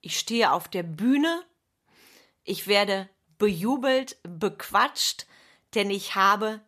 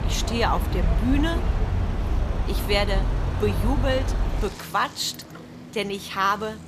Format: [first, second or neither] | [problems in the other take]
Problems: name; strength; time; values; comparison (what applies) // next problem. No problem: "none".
first | traffic noise; loud; throughout; as loud as the speech